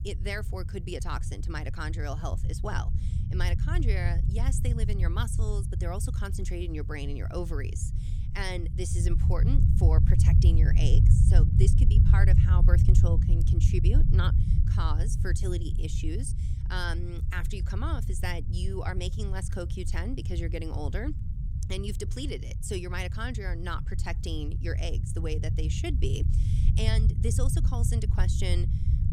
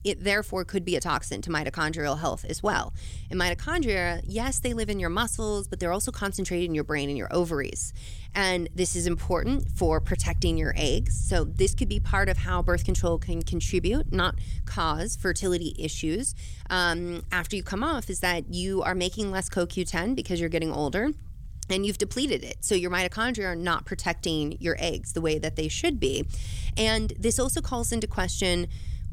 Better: second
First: low rumble; loud; throughout; 5 dB below the speech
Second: low rumble; faint; throughout; 25 dB below the speech

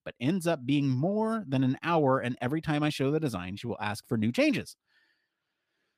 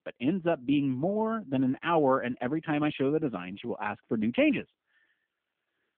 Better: first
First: none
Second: phone-call audio

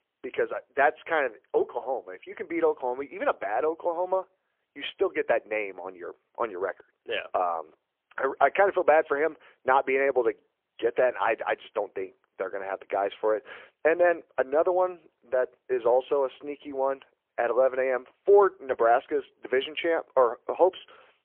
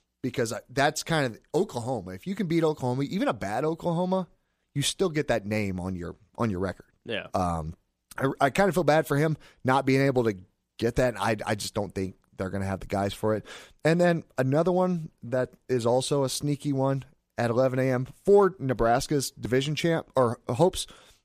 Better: second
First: phone-call audio; poor line; nothing above 3.5 kHz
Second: none

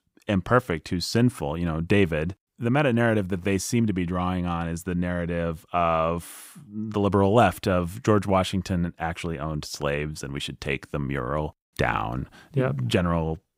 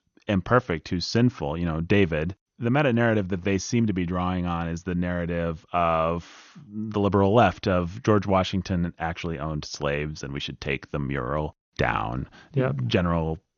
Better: first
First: none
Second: garbled, watery; slightly; nothing above 6.5 kHz

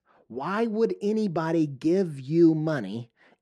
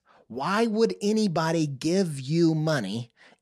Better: second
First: muffled; slightly; fading above 3.5 kHz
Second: none

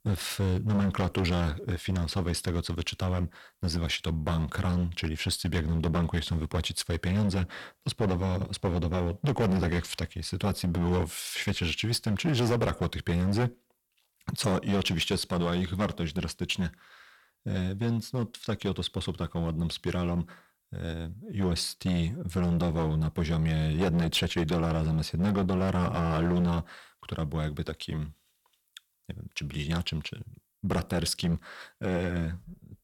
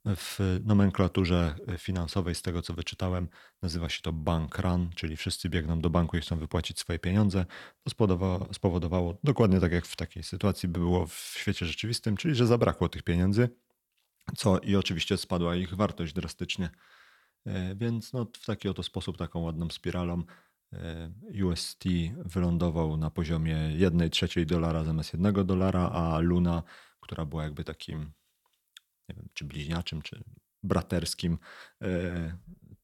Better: second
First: distortion; heavy; 9% of the sound clipped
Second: none

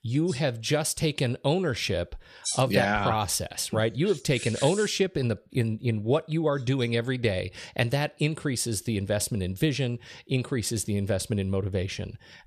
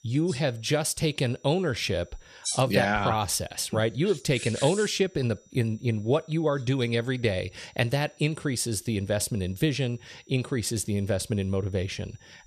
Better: first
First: none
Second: high-pitched whine; faint; throughout; 6 kHz, 30 dB below the speech

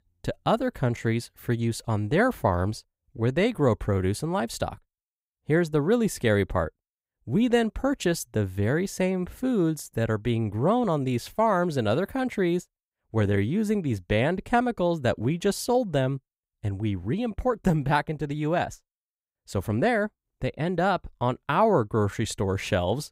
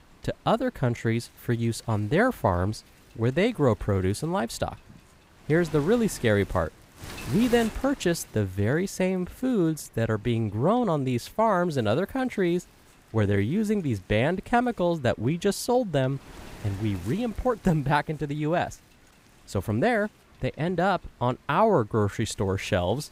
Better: first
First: none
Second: wind noise on the microphone; occasional gusts; 20 dB below the speech

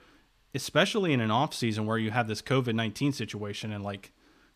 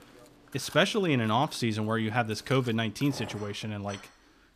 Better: first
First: none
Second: machinery noise; faint; throughout; 20 dB below the speech

